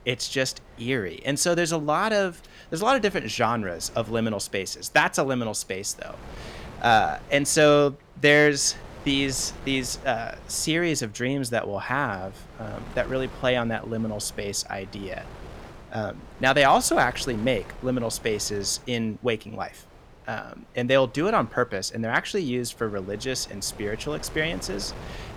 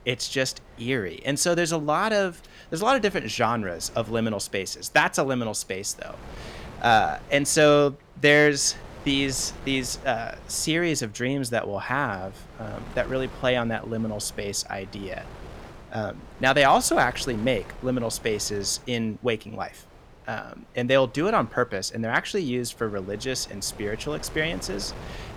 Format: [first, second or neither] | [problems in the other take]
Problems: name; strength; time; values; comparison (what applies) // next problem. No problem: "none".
neither | wind noise on the microphone; occasional gusts; 20 dB below the speech; the same in both